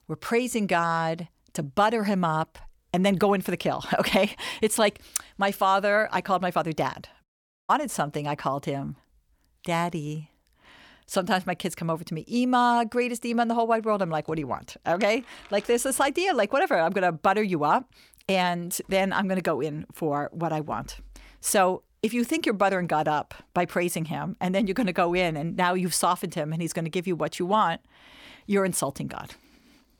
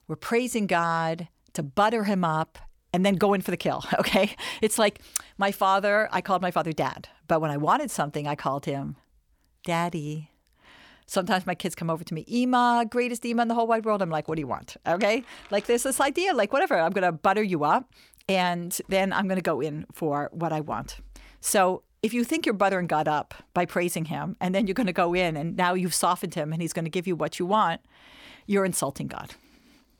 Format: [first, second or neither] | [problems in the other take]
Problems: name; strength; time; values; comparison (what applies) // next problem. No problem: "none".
second | audio cutting out; at 7 s